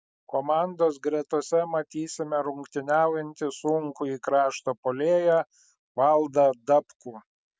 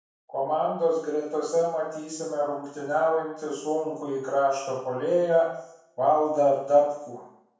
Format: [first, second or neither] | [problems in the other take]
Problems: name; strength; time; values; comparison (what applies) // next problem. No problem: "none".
first | room echo; dies away in 0.7 s